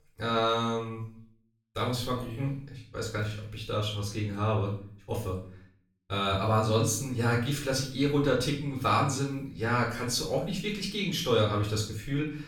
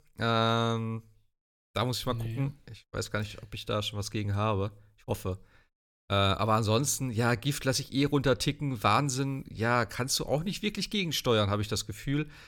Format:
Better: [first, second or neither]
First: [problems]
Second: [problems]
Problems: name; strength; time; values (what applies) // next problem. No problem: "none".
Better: second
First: off-mic speech; far // room echo; slight; dies away in 0.5 s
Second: none